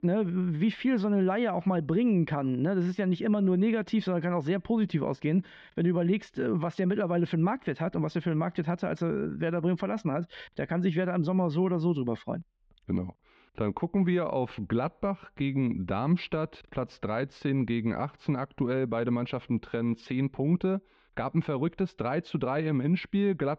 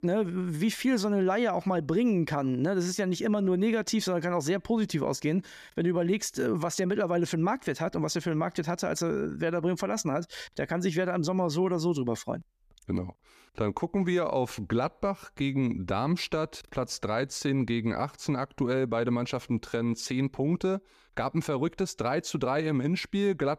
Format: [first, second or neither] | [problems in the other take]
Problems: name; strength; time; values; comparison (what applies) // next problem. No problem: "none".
second | muffled; very; fading above 3 kHz